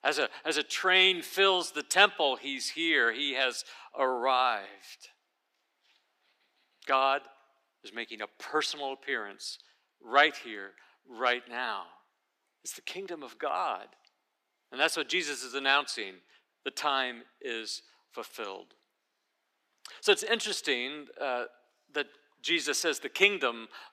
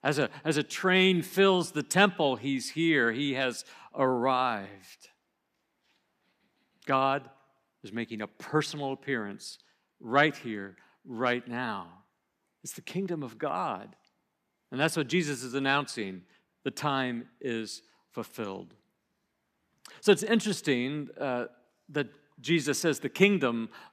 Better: second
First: thin; very; fading below 400 Hz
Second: none

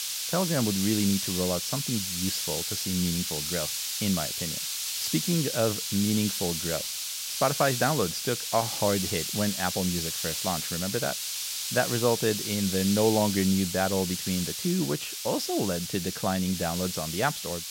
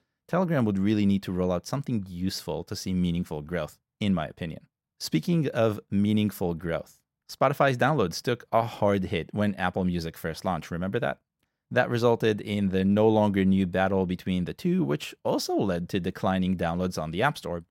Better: second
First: hiss; loud; throughout; 1 dB below the speech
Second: none

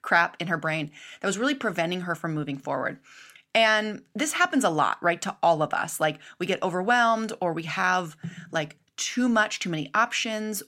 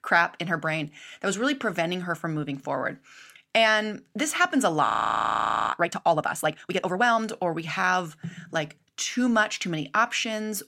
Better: first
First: none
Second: audio freezing; at 5 s for 1 s

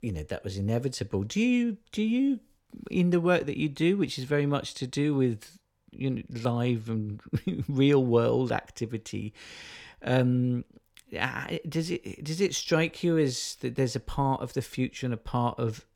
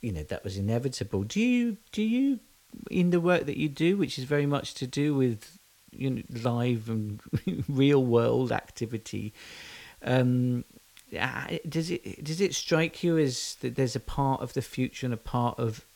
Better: first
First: none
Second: hiss; faint; throughout; 30 dB below the speech

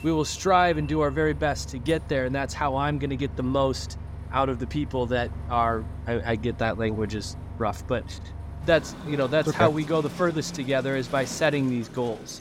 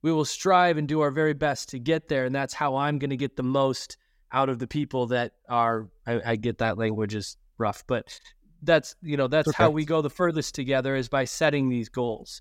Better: second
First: traffic noise; noticeable; throughout; 10 dB below the speech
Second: none

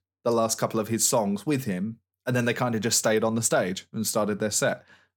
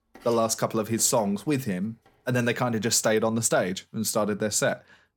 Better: first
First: none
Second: household noises; faint; throughout; 30 dB below the speech

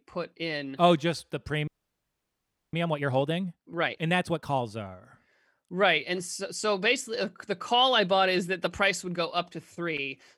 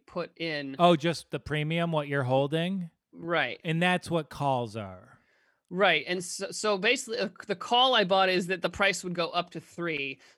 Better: second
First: audio freezing; at 1.5 s for 1 s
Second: none

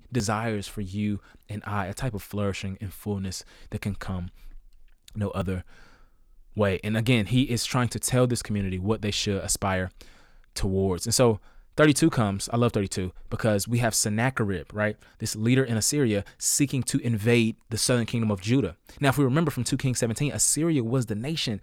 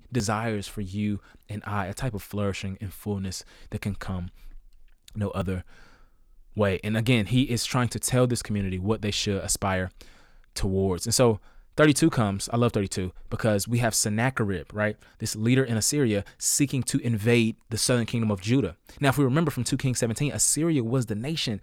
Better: neither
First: none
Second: none

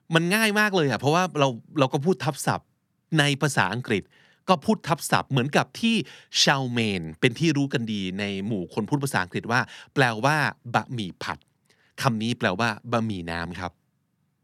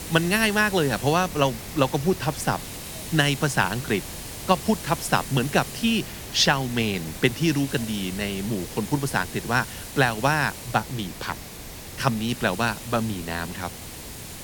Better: first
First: none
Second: hiss; noticeable; throughout; 10 dB below the speech

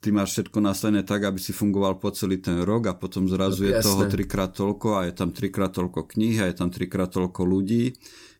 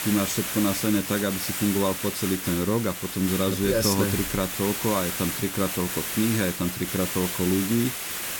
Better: first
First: none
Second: hiss; loud; throughout; 3 dB below the speech

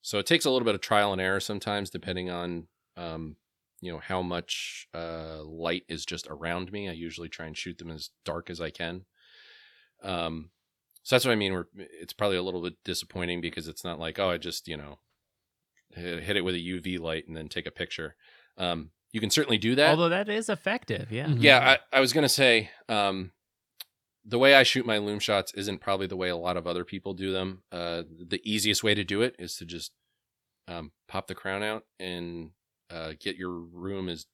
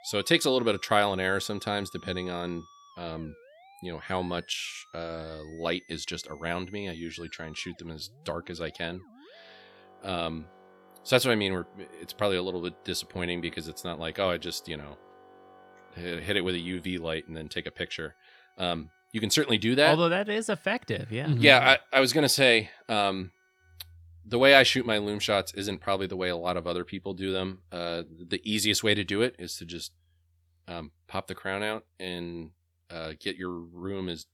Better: first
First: none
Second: background music; faint; throughout; 30 dB below the speech

